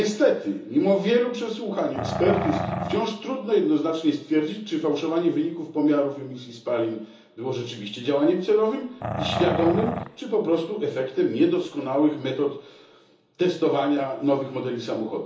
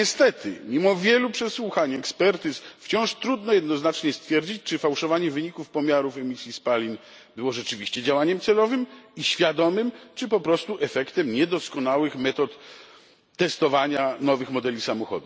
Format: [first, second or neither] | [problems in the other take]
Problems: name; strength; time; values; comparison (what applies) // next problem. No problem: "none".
second | background sound (Growling); 3 dB below the speech // room echo; dies away in 1.2 s